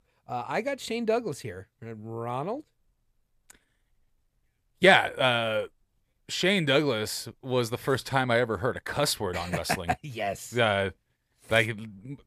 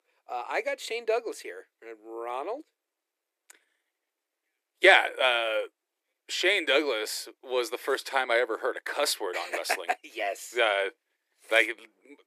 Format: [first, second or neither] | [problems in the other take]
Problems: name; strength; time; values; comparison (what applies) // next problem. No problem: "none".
first | thin; very; fading below 300 Hz